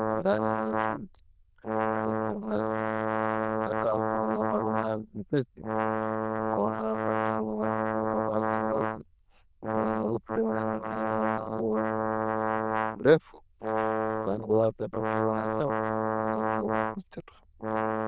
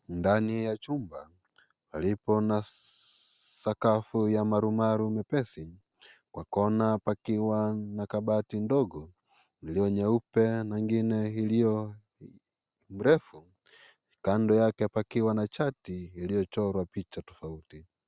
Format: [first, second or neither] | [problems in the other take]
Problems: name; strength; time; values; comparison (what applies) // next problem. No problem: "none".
second | noise reduction (neural diffusion model UNIVERSE++)